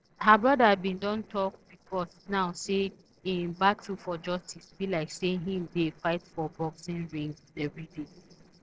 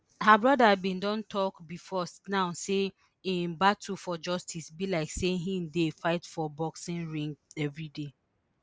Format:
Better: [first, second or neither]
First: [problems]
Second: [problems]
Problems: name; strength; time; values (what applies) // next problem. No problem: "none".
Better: second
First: noise reduction (neural separator model SepFormer DNS4)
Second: none